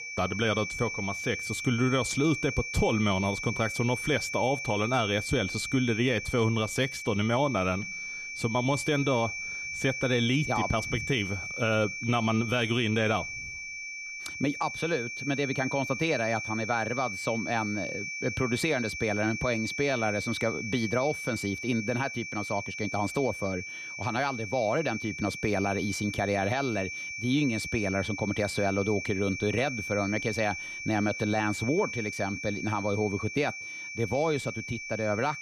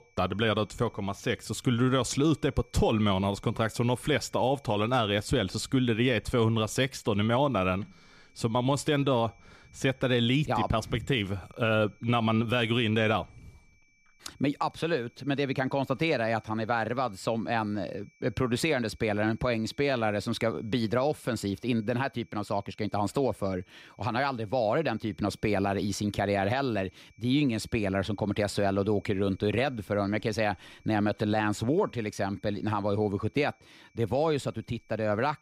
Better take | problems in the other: second | high-pitched whine; loud; throughout; 2.5 kHz, 5 dB below the speech; faint in the second

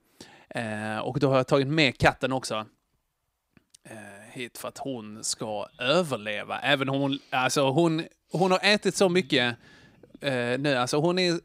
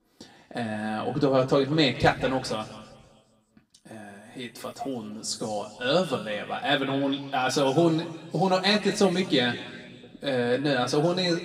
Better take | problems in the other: first | room echo; slight; dies away in 1.6 s // off-mic speech; somewhat distant

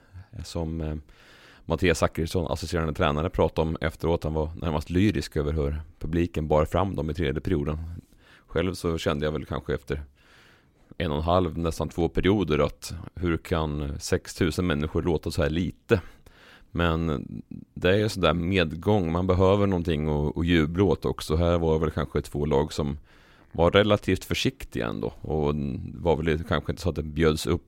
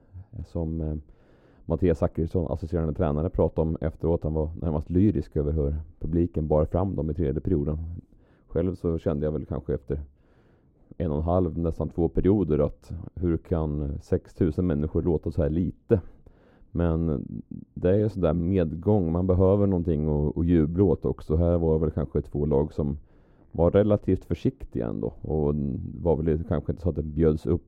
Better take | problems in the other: first | muffled; very; fading above 1 kHz

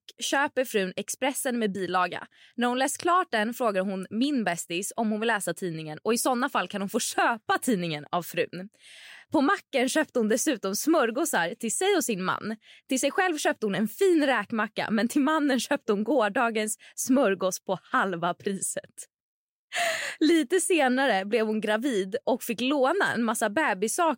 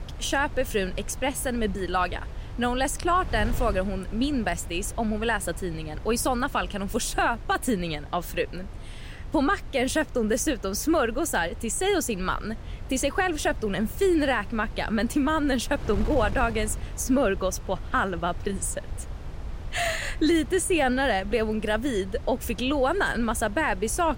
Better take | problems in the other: first | wind noise on the microphone; occasional gusts; 20 dB below the speech

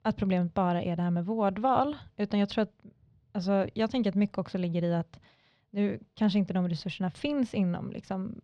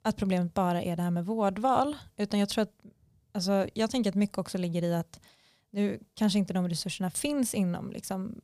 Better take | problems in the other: second | muffled; slightly; fading above 3.5 kHz

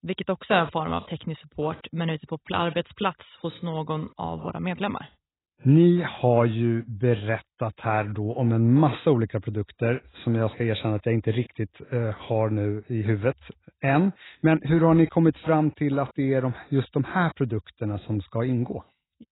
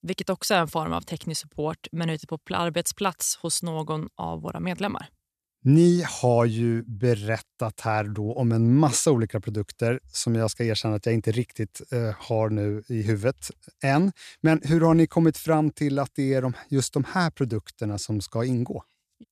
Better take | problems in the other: second | garbled, watery; badly; nothing above 4 kHz

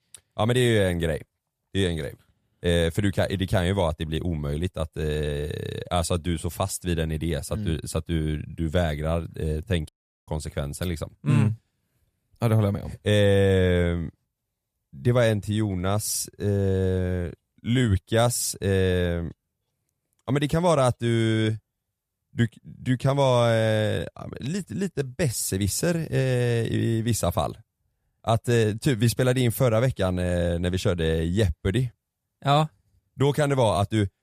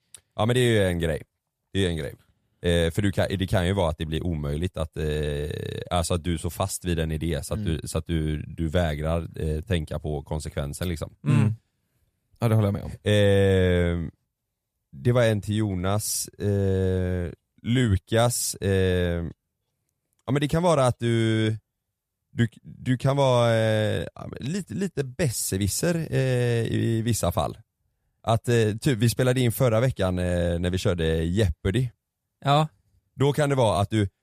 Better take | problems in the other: second | audio cutting out; at 10 s

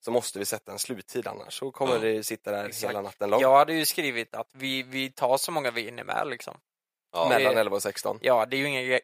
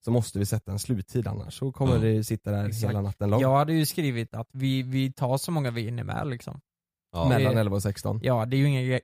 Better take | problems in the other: second | thin; very; fading below 550 Hz

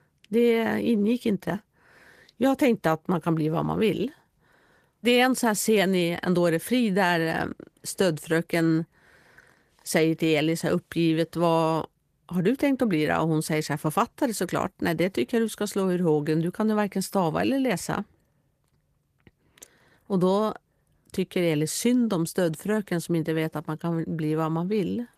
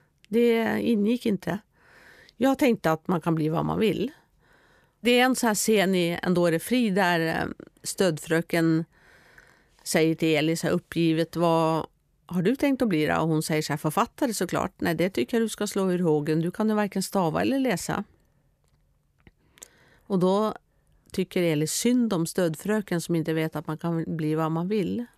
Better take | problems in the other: second | garbled, watery; slightly; nothing above 14.5 kHz

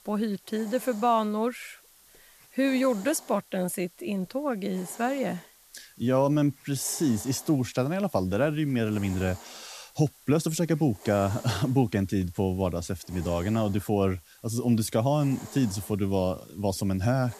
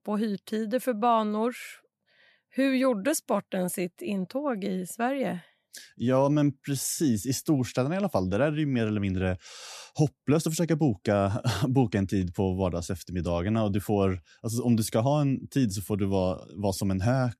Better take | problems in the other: second | hiss; faint; throughout; 20 dB below the speech

